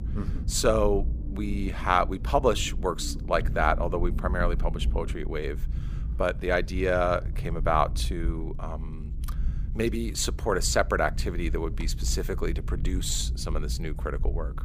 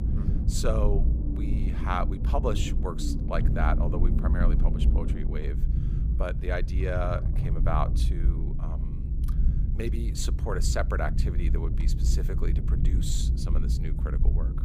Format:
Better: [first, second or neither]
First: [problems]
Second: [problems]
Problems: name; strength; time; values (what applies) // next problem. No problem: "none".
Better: first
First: low rumble; faint; throughout; 20 dB below the speech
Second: low rumble; loud; throughout; 8 dB below the speech